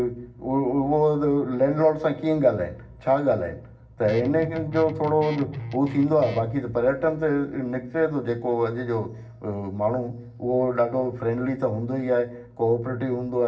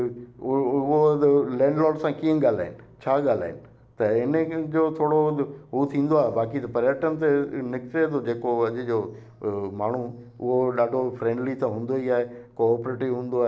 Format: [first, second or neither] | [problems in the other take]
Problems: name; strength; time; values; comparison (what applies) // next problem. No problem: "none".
second | background sound (Guitar); 11 dB below the speech // room echo; dies away in 0.4 s